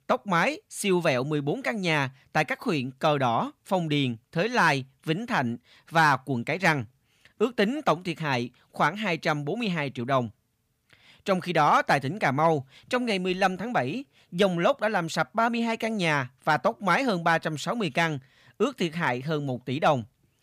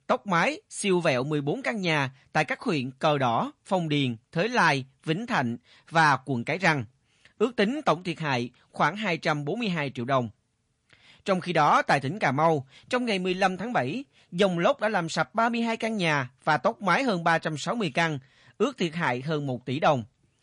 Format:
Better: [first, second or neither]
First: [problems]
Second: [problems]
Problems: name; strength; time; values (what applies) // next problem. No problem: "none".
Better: first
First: none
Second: garbled, watery; slightly; nothing above 10.5 kHz